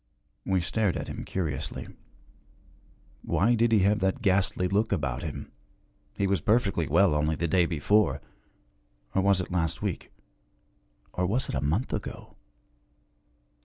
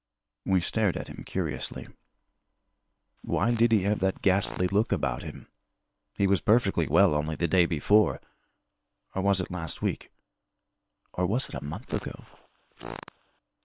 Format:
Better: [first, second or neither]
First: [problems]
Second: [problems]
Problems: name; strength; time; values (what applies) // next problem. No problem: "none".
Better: first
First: none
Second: noise reduction (neural separator model SepFormer WHAM!)